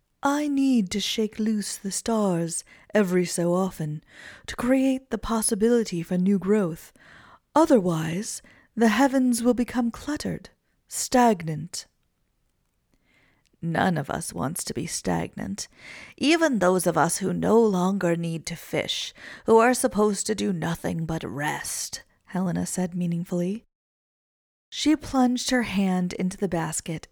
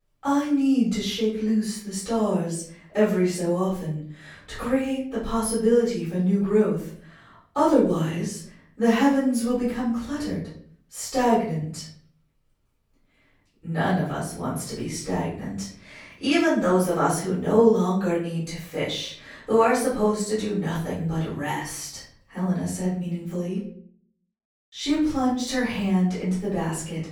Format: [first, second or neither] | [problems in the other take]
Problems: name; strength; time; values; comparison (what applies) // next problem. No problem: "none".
first | off-mic speech; far // room echo; noticeable; dies away in 0.5 s